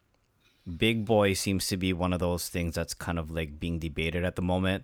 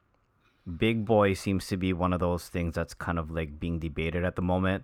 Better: first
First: none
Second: muffled; slightly; fading above 3 kHz

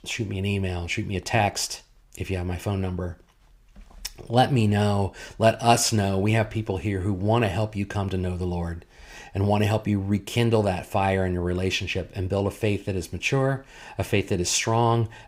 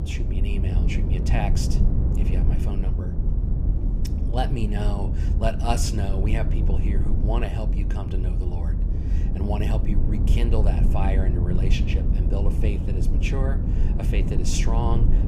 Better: first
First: none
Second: low rumble; loud; throughout; 5 dB below the speech

